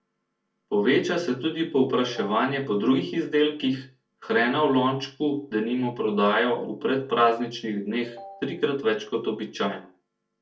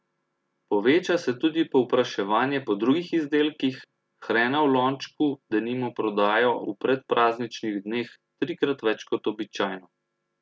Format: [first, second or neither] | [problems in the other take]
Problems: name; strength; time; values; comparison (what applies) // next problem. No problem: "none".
second | noise reduction (neural separator model SepFormer DNS4)